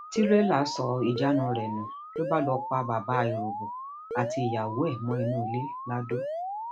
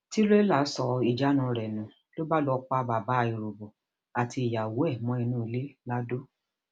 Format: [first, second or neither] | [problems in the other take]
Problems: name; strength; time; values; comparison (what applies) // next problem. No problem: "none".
second | background sound (Alarm); 6 dB below the speech